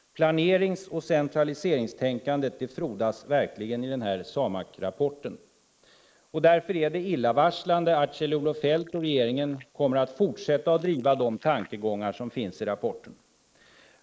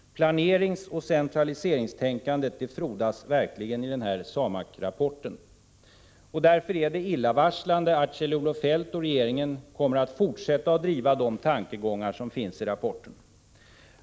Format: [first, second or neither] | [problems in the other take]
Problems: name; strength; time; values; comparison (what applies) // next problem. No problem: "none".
second | noise reduction (neural mask model Resemble Enhance denoiser)